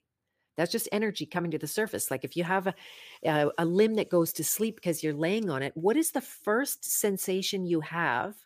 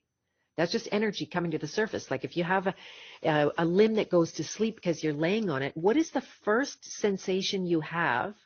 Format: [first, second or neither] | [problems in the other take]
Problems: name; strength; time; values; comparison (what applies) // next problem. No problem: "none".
first | garbled, watery; slightly; nothing above 6.5 kHz